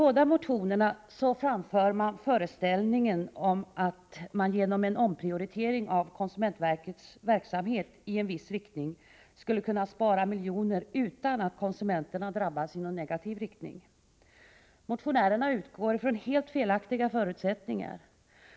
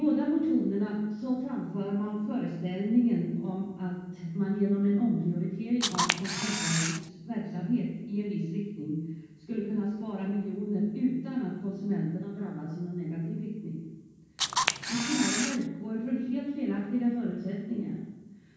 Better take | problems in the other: first | background sound (Camera); as loud as the speech // room echo; dies away in 1.2 s

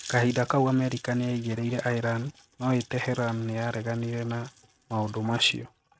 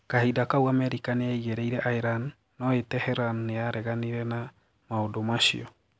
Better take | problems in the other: second | noise reduction (neural mask model RNNoise)

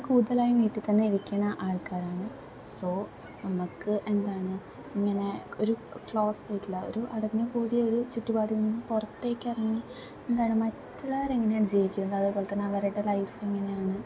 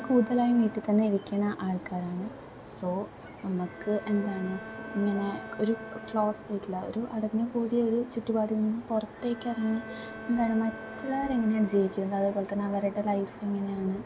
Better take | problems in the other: first | background sound (Bowed string instrument); 17 dB below the speech

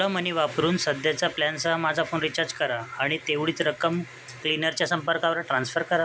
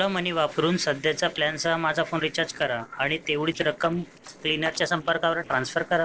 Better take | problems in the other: first | noise reduction (neural separator model SepFormer DNS4)

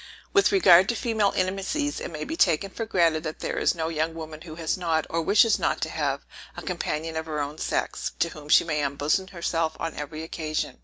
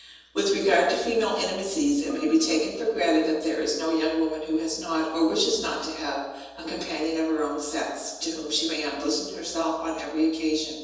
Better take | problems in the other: first | noise reduction (neural separator model SepFormer DNS4)

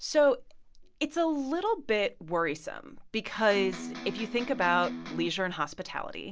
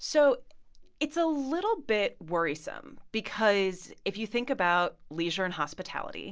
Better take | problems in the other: second | background sound (Electric guitar); 8 dB below the speech

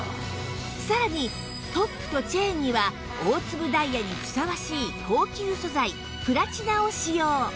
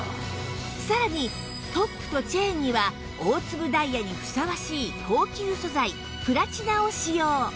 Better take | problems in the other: second | background sound (Door + Vehicle horn, car horn, honking); 18 dB below the speech

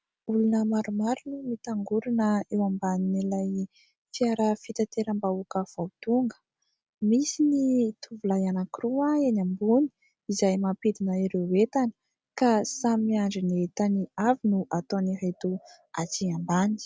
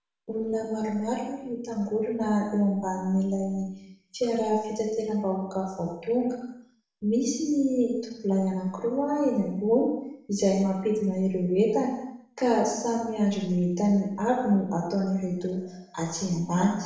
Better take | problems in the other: first | room echo; dies away in 0.8 s

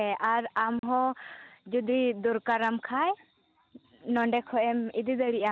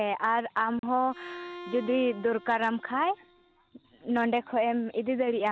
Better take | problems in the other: first | background sound (Bowed string instrument); 17 dB below the speech

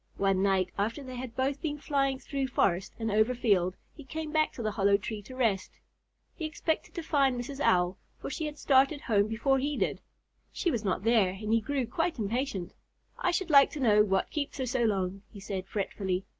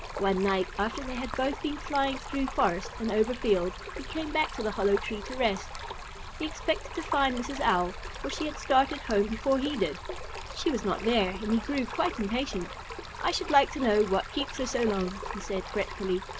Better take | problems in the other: first | background sound (Stream); 9 dB below the speech

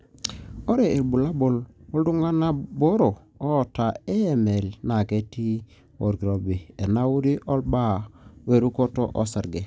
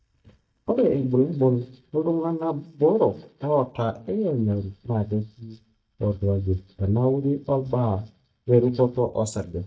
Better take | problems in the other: first | noise reduction (neural mask model DeepFilterNet 3)

